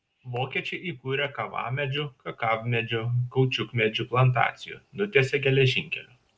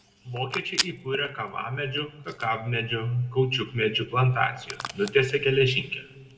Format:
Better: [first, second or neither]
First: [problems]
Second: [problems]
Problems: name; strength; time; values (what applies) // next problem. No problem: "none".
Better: first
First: none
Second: background sound (Packing tape, duct tape / Tearing); 13 dB below the speech // room echo; dies away in 1.2 s